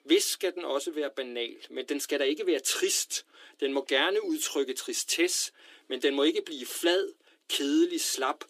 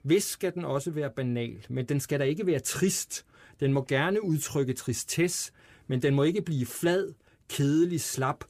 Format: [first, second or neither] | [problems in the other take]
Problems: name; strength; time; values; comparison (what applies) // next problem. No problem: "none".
second | thin; somewhat; fading below 300 Hz